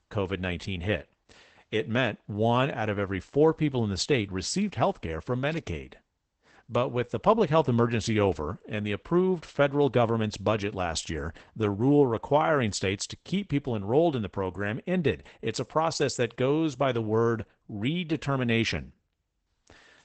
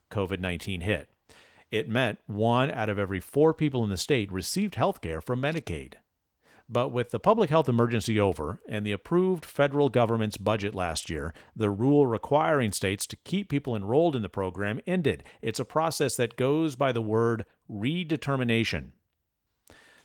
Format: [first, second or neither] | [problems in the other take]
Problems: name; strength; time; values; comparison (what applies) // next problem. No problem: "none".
second | garbled, watery; badly; nothing above 8 kHz; slightly in the second